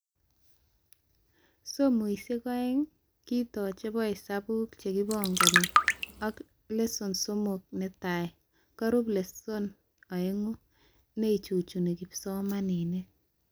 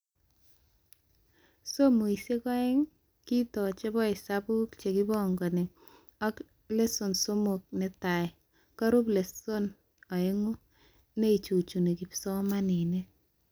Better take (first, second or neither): second